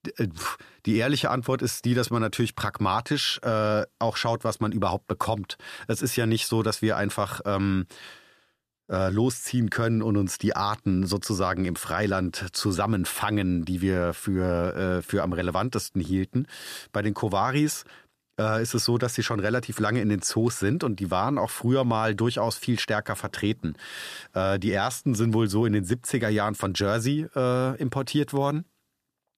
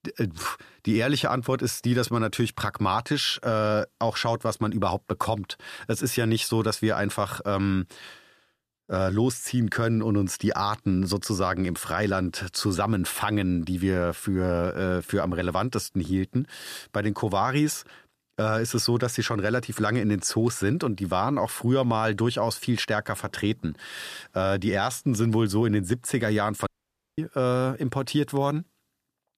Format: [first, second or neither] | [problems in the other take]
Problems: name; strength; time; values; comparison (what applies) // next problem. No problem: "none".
first | audio cutting out; at 27 s for 0.5 s